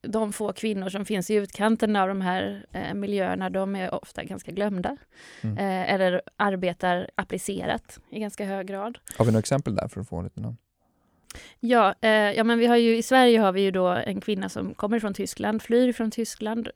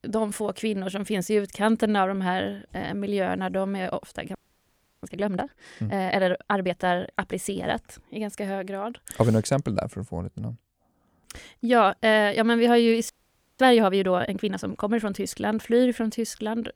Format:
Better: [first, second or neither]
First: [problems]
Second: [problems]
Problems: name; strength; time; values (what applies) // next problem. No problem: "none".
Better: first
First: none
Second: audio freezing; at 4.5 s for 0.5 s and at 13 s